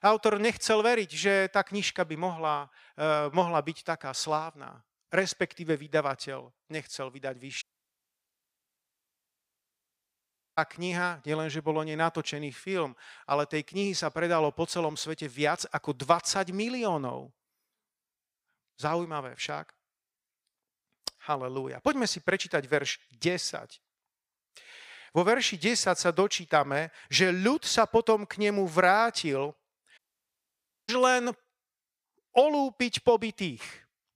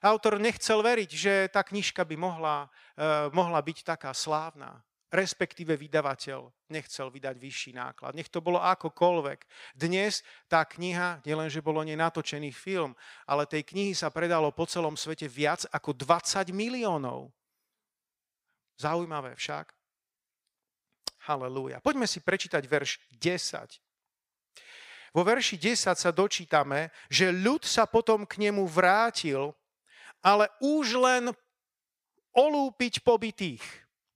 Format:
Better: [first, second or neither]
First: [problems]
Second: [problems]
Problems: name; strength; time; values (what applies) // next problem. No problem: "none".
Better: second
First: audio cutting out; at 7.5 s for 3 s and at 30 s for 1 s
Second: none